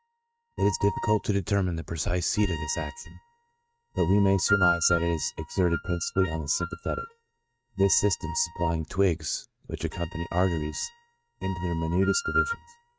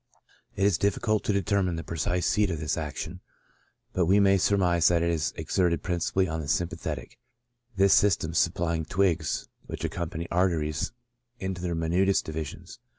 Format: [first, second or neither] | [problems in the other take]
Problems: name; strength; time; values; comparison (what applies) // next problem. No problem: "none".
second | noise reduction (neural mask model RNNoise)